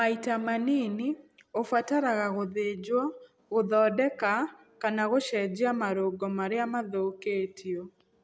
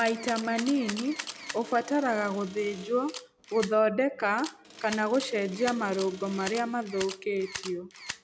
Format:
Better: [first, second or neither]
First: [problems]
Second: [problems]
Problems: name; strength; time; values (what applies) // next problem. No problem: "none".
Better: first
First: none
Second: background sound (Camera + Accelerating, revving, vroom); 13 dB below the speech